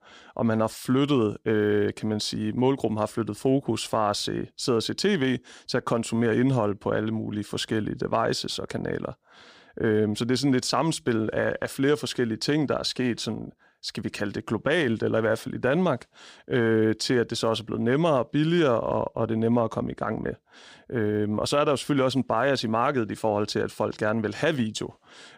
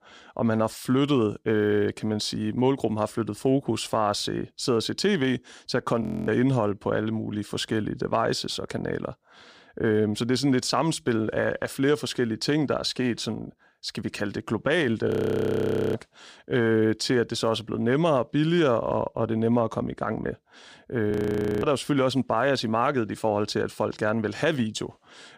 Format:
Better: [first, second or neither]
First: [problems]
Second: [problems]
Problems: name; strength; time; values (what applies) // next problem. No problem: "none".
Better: first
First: none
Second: audio freezing; at 6 s, at 15 s for 1 s and at 21 s for 0.5 s